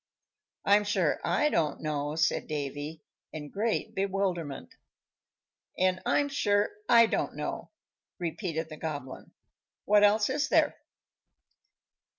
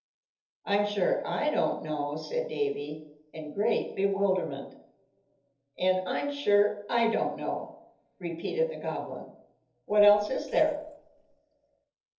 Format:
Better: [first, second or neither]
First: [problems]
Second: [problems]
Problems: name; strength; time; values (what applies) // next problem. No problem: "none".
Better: first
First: none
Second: noise reduction (neural separator model SepFormer DNS4)